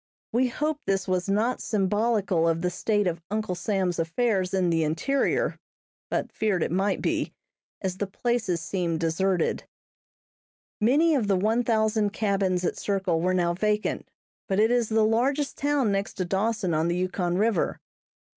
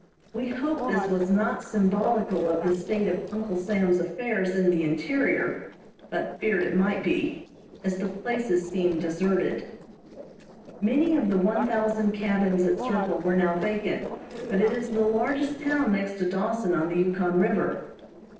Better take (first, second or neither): first